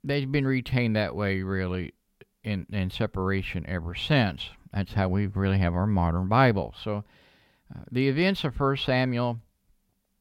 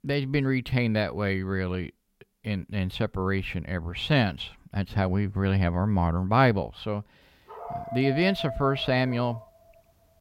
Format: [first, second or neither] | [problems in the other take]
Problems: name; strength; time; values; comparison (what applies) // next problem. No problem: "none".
first | dog barking; noticeable; from 7.5 to 9.5 s; peak 8 dB below the speech